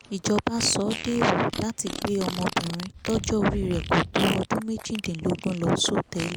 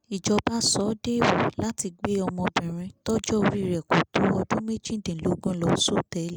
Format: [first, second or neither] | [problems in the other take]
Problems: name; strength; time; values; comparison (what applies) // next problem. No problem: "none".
second | background sound (Fart); 11 dB below the speech